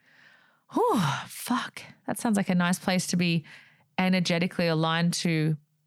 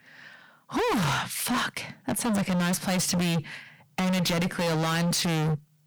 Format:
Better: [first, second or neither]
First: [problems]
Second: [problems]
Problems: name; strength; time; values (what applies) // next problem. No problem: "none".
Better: first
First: none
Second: distortion; heavy; 35% of the sound clipped